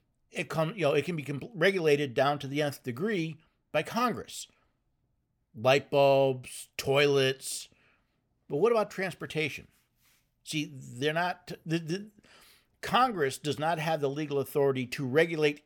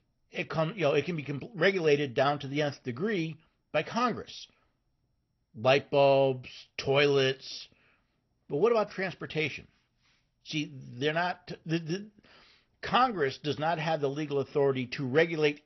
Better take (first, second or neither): first